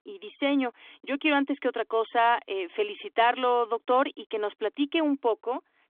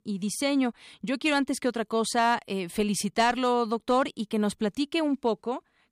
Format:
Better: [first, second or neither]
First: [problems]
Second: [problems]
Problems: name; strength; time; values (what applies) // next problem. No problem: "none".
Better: second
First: phone-call audio; nothing above 3.5 kHz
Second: none